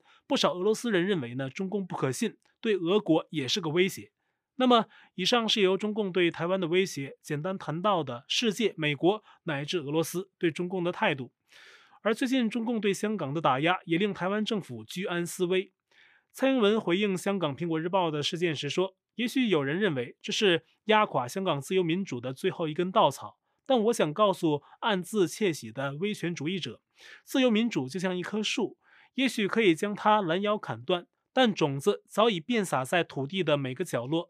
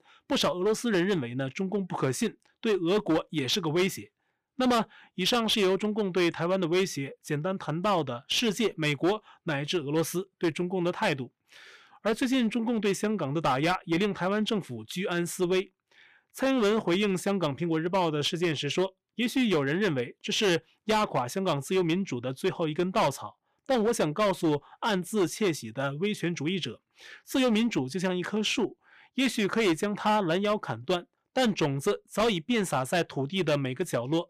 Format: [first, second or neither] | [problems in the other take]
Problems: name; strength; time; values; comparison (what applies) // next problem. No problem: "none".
first | distortion; slight; 8% of the sound clipped